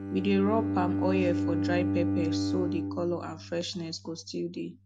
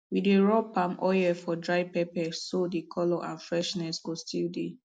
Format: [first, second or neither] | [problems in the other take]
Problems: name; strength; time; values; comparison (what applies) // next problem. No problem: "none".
second | background sound (Bowed string instrument); as loud as the speech